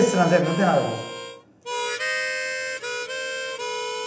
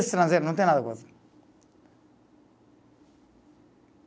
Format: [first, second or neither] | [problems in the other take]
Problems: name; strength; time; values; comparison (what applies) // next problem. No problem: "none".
second | background sound (Harmonica); 4 dB below the speech // room echo; dies away in 0.8 s